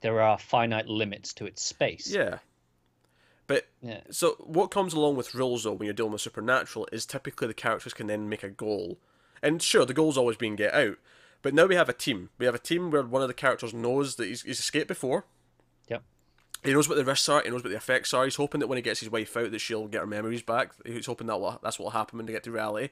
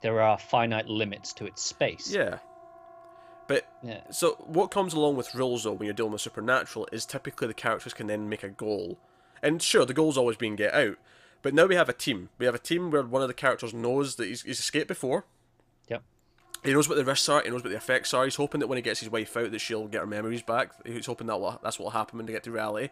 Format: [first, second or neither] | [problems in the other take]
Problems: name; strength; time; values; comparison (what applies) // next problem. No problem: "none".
first | alarms or sirens; faint; throughout; 25 dB below the speech